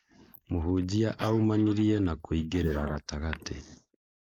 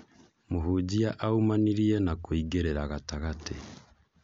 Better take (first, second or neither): second